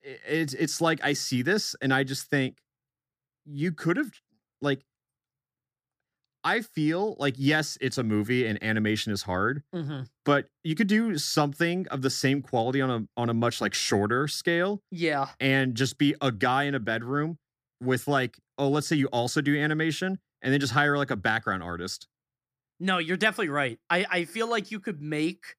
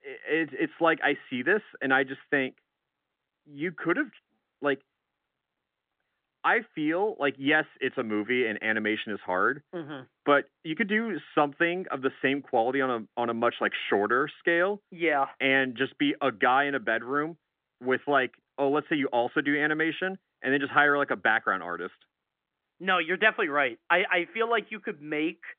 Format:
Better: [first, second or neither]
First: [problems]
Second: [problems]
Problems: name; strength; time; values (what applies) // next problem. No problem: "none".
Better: first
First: none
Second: phone-call audio; nothing above 3.5 kHz